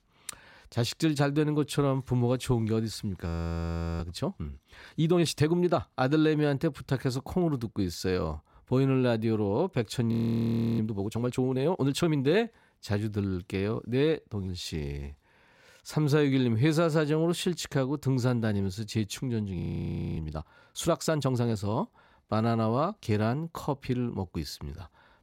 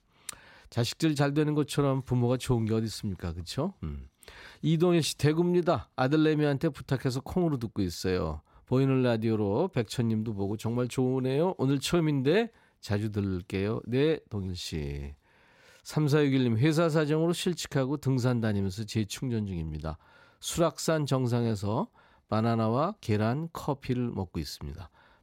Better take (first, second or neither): second